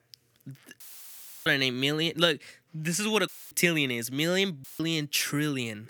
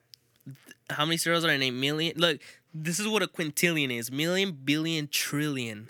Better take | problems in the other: second | audio cutting out; filled with static; at 1 s for 0.5 s, at 3.5 s and at 4.5 s

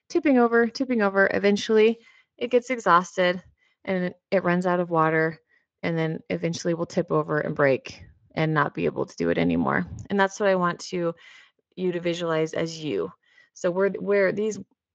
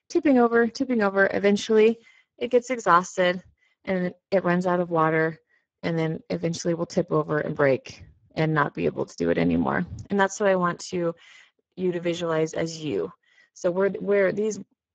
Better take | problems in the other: first | garbled, watery; badly; nothing above 7.5 kHz; slightly in the first

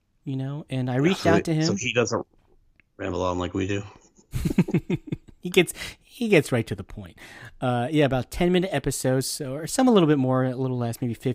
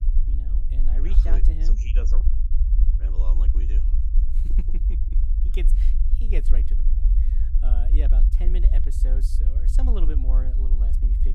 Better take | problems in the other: first | low rumble; loud; throughout; 3 dB below the speech

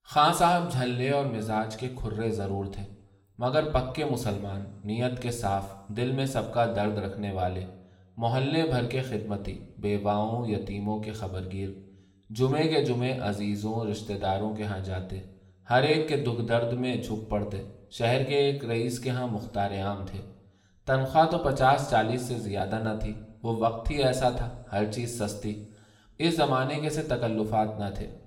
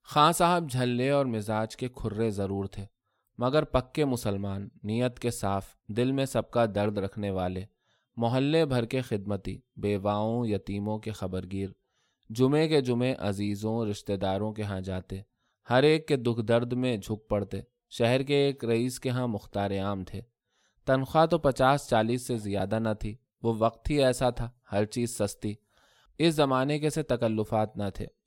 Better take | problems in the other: second | room echo; slight; dies away in 0.7 s

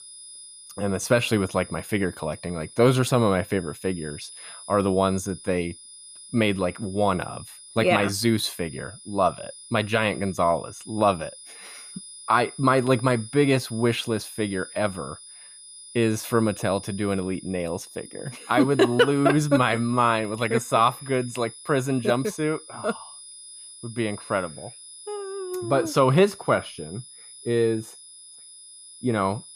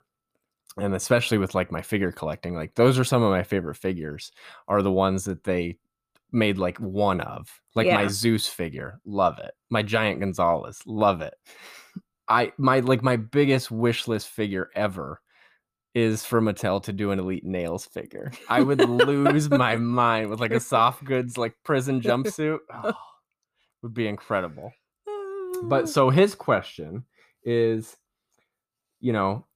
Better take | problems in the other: second | high-pitched whine; noticeable; throughout; 9.5 kHz, 15 dB below the speech

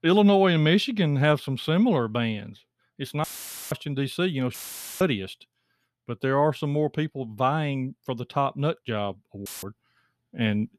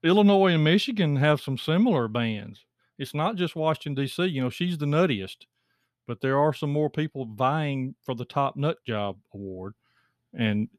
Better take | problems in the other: second | audio cutting out; filled with static; at 3 s, at 4.5 s and at 9.5 s

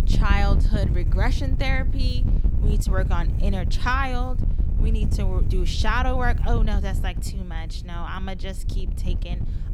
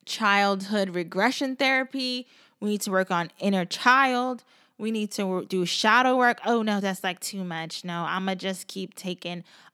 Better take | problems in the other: second | wind noise on the microphone; occasional gusts; 10 dB below the speech

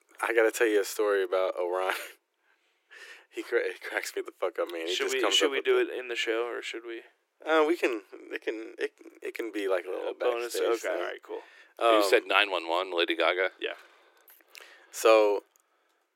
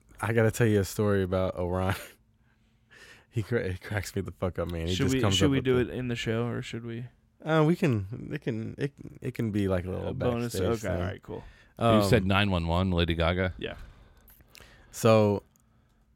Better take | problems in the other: second | thin; very; fading below 350 Hz

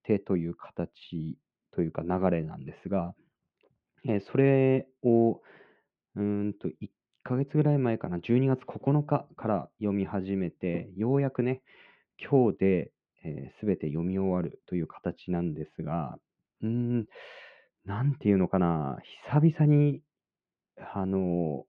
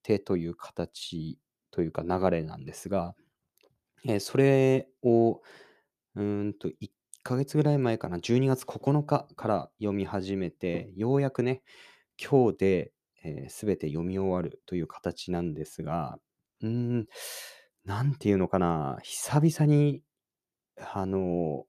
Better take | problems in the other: second | muffled; very; fading above 2.5 kHz

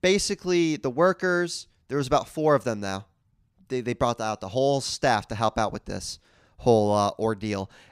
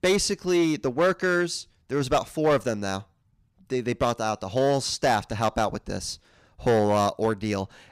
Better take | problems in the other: first | distortion; slight; 5% of the sound clipped

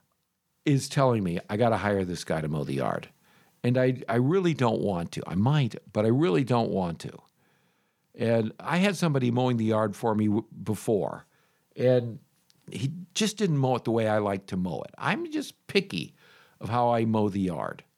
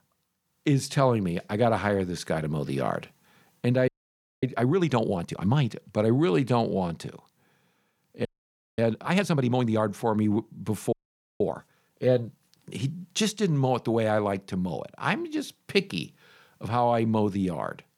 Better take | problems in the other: first | audio freezing; at 4 s for 0.5 s, at 8.5 s for 0.5 s and at 11 s

